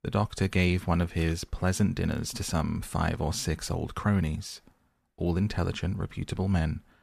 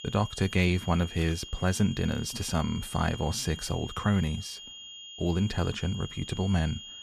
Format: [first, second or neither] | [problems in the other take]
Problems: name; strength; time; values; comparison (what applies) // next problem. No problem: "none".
first | high-pitched whine; noticeable; throughout; 3 kHz, 15 dB below the speech